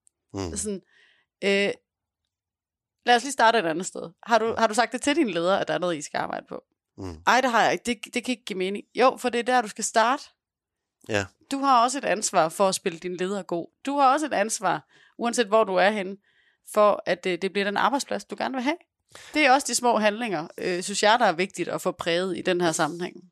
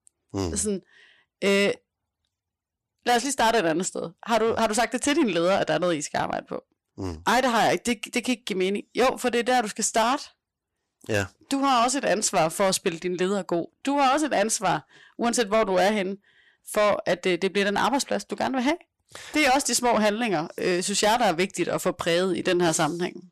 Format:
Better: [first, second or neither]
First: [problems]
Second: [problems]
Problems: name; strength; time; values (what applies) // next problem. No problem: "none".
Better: first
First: none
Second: distortion; heavy; 8 dB below the speech